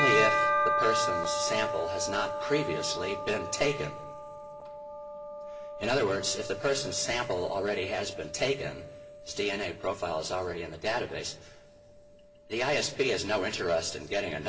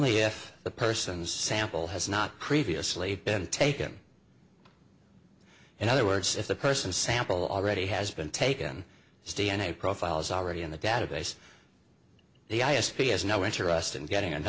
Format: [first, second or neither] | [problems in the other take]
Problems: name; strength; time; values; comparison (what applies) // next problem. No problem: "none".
second | background sound (Bell); 3 dB below the speech // room echo; dies away in 2.1 s